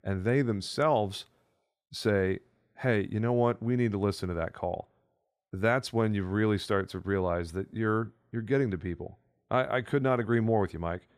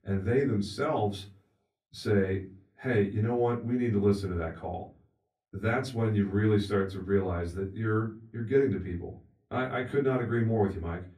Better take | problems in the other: first | off-mic speech; far // room echo; very slight; dies away in 0.3 s

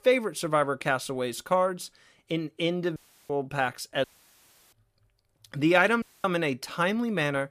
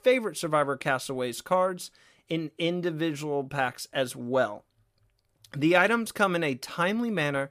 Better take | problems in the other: second | audio cutting out; at 3 s, at 4 s for 0.5 s and at 6 s

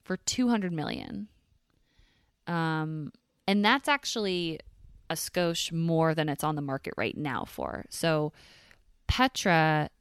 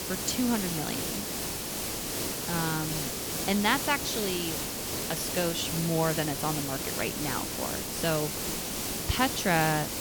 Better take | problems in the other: first | hiss; loud; throughout; 1 dB below the speech

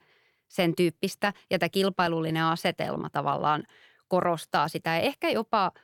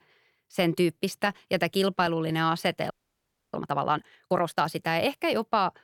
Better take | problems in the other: first | audio freezing; at 3 s for 0.5 s

